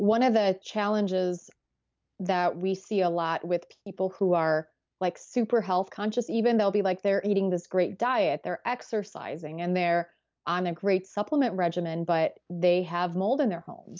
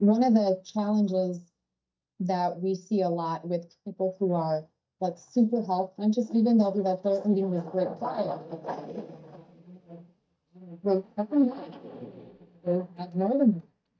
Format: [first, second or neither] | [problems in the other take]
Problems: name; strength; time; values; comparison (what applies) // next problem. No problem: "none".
first | noise reduction (neural mask model DeepFilterNet 3)